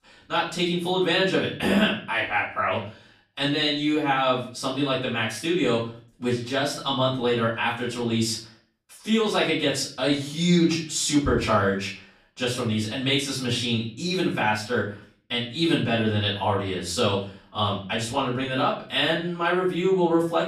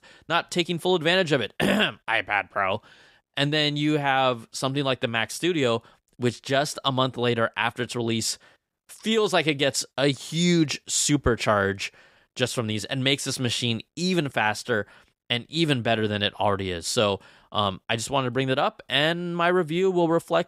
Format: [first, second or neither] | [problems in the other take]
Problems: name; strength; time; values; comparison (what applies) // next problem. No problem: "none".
second | room echo; slight; dies away in 0.4 s // off-mic speech; far